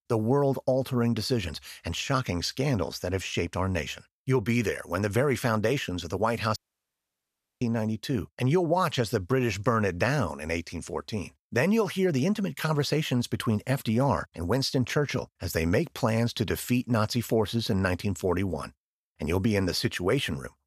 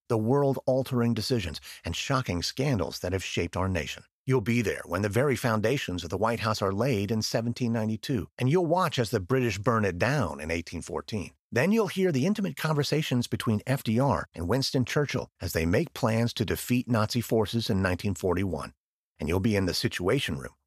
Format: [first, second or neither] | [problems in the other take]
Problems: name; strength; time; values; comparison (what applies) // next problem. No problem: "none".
second | audio cutting out; at 6.5 s for 1 s